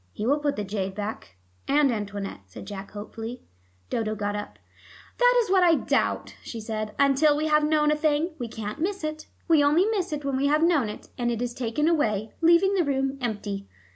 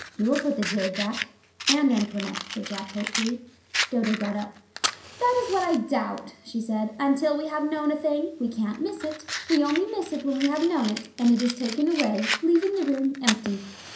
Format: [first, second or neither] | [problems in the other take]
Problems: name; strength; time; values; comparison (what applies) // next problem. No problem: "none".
first | background sound (Fire); 9 dB below the speech // room echo; dies away in 0.5 s